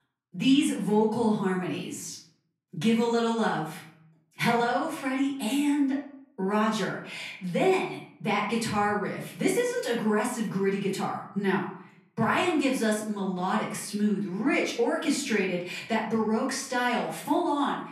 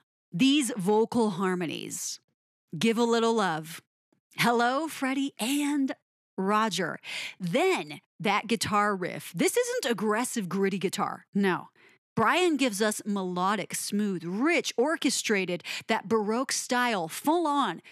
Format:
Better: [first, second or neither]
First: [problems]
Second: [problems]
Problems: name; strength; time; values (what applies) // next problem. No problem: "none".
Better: second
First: off-mic speech; far // room echo; noticeable; dies away in 0.6 s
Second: none